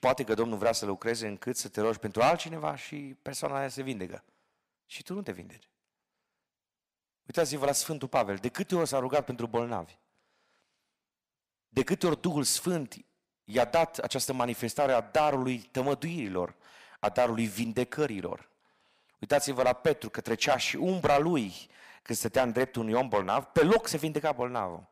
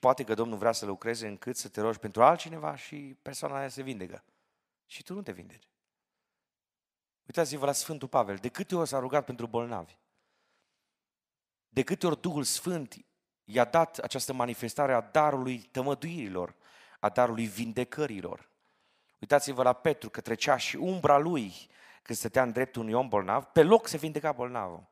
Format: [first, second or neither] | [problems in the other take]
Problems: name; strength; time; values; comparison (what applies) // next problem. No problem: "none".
second | distortion; heavy; 2% of the sound clipped